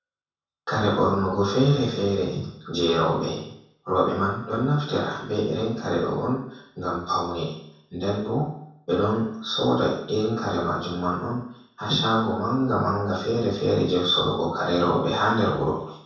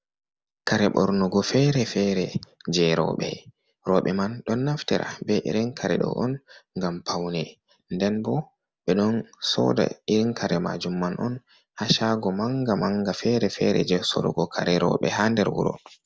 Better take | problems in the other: second | room echo; dies away in 0.7 s

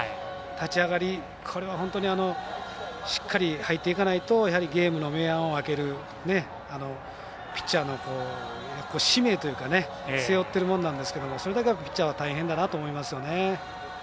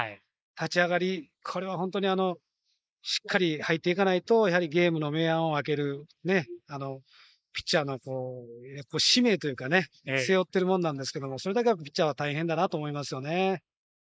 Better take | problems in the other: first | noise reduction (neural mask model Resemble Enhance denoiser)

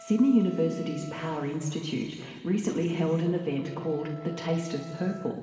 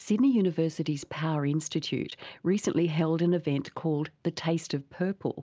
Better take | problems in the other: second | background sound (Wind instrument, woodwind instrument); 19 dB below the speech // room echo; dies away in 2.1 s

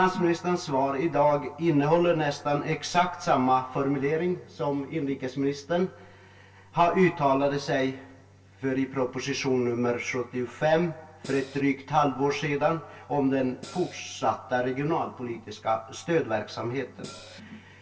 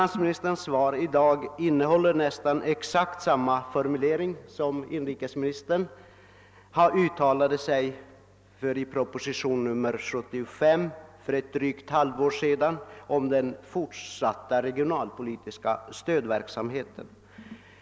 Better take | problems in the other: second | background sound (Cymbal); 16 dB below the speech // room echo; dies away in 0.2 s

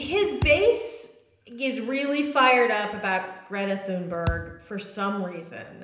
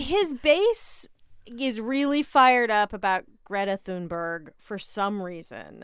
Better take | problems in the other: second | background sound (Thump, thud); 7 dB below the speech // room echo; dies away in 0.9 s

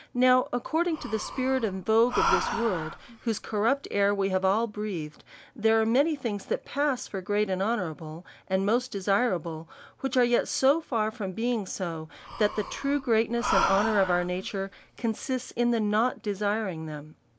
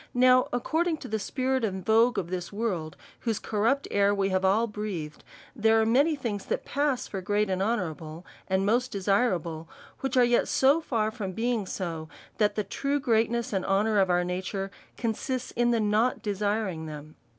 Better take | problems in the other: second | background sound (Breathing); 7 dB below the speech

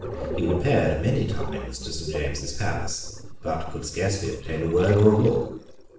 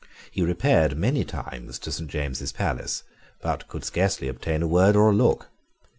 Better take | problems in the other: second | noise reduction (neural separator model SepFormer DNS4)

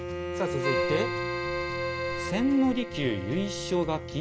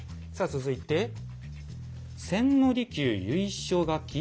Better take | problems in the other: second | background sound (Keyboard (musical) + Bowed string instrument); 2 dB below the speech

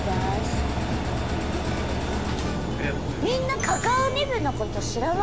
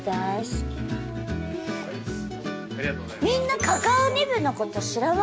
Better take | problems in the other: second | background sound (Engine); 1 dB below the speech

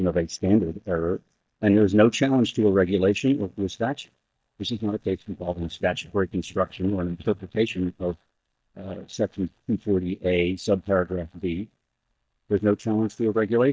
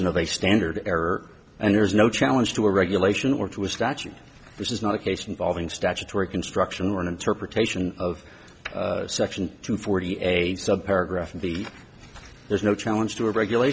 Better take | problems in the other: second | noise reduction (neural mask model DeepFilterNet 3)

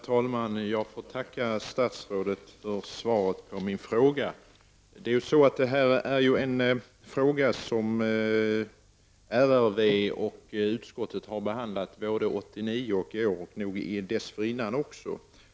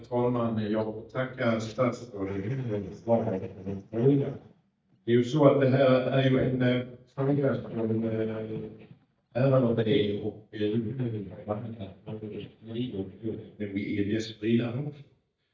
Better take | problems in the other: first | noise reduction (neural mask model DeepFilterNet 3)

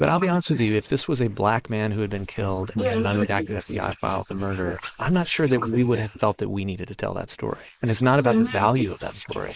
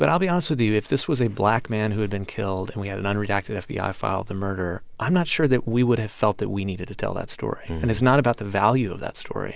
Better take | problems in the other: second | noise reduction (neural mask model Resemble Enhance denoiser)

